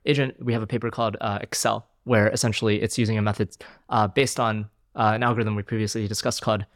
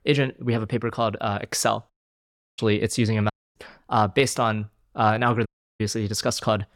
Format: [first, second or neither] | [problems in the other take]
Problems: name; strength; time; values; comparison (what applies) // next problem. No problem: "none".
first | audio cutting out; at 2 s for 0.5 s, at 3.5 s and at 5.5 s